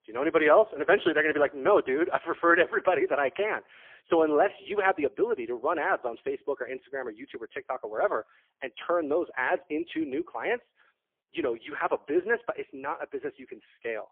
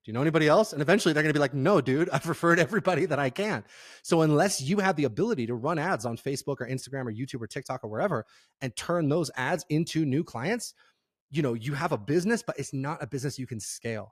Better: second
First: phone-call audio; poor line; nothing above 3.5 kHz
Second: none

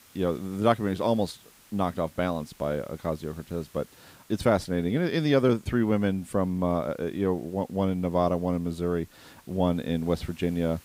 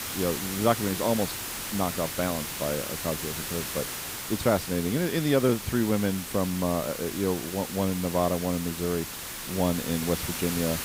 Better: first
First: hiss; faint; throughout; 25 dB below the speech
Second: hiss; loud; throughout; 5 dB below the speech

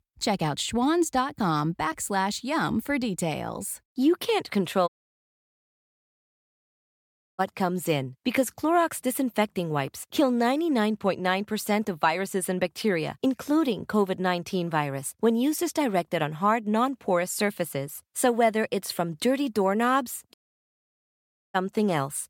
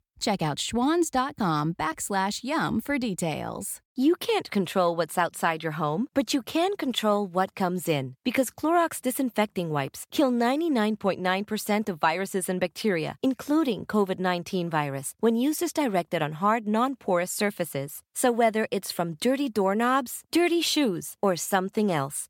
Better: second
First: audio cutting out; at 5 s for 2.5 s and at 20 s for 1 s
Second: none

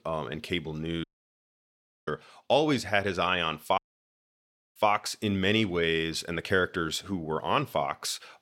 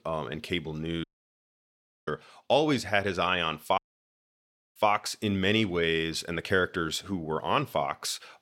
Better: neither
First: audio cutting out; at 1 s for 1 s and at 4 s for 1 s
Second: audio cutting out; at 1 s for 1 s and at 4 s for 1 s

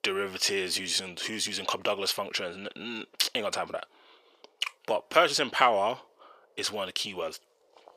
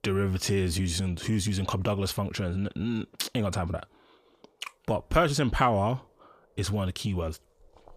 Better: second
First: thin; very; fading below 500 Hz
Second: none

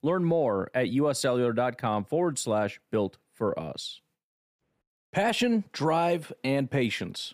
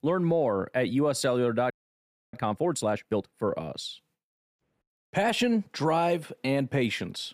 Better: first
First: none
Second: audio freezing; at 1.5 s for 0.5 s

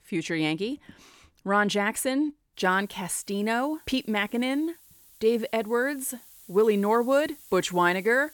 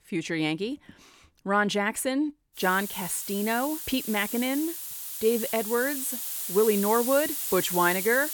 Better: first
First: hiss; faint; from 2.5 s on; 25 dB below the speech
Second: hiss; loud; from 2.5 s on; 4 dB below the speech

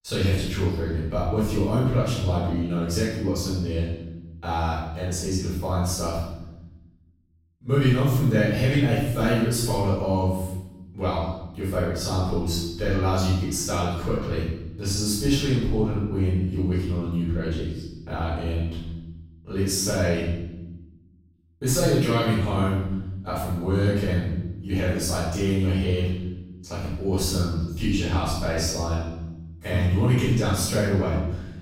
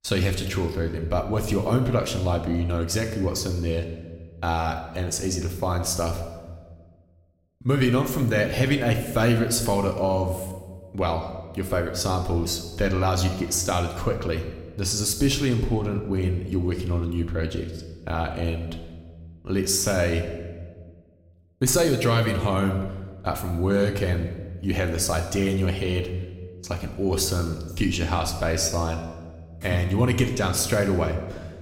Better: second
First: room echo; strong; dies away in 1.1 s // off-mic speech; far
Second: room echo; slight; dies away in 1 s

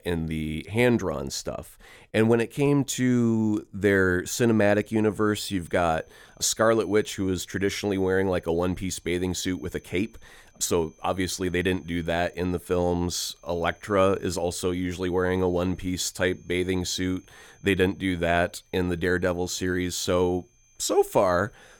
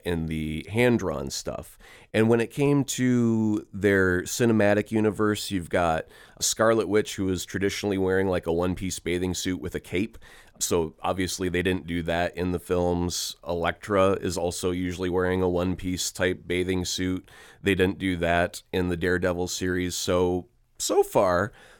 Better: second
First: high-pitched whine; faint; from 4.5 s on; 6.5 kHz, 35 dB below the speech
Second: none

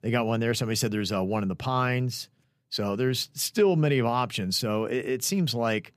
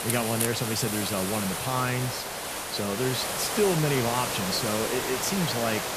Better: first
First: none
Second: hiss; loud; throughout; 1 dB below the speech

